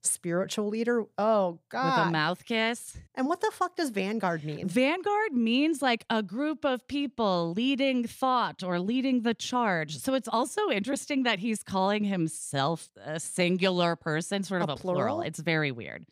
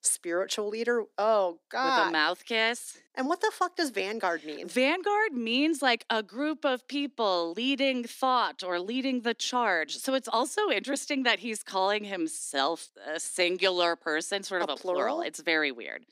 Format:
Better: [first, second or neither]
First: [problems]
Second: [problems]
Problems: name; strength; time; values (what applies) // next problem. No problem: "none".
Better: first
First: none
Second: thin; very slightly; fading below 250 Hz